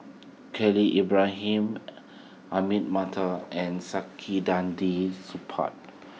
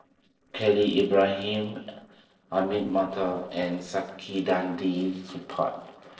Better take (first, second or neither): first